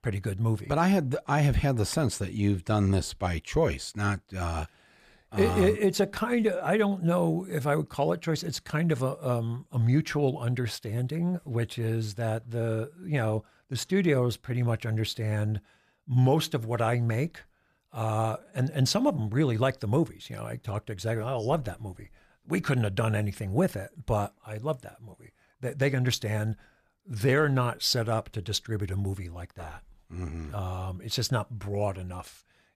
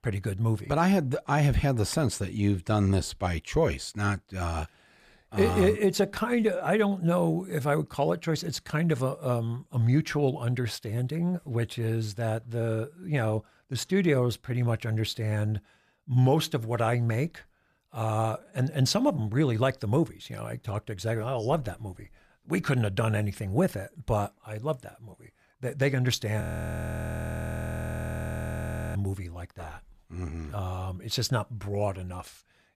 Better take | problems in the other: first | audio freezing; at 26 s for 2.5 s

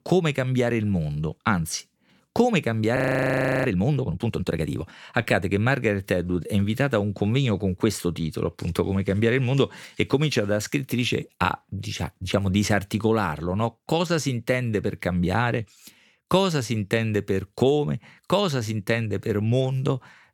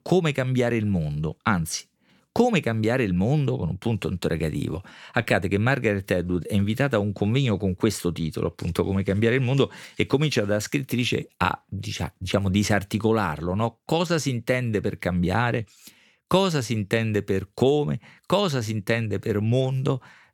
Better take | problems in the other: second | audio freezing; at 3 s for 0.5 s

